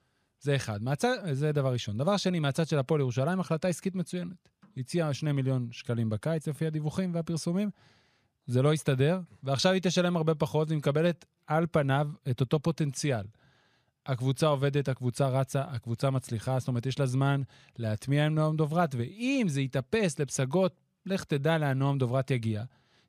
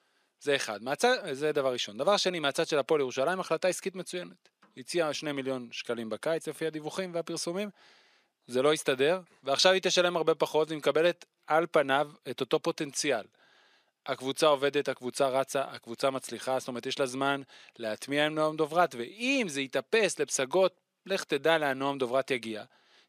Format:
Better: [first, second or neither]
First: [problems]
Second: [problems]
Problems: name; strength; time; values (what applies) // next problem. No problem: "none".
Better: first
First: none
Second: thin; somewhat; fading below 300 Hz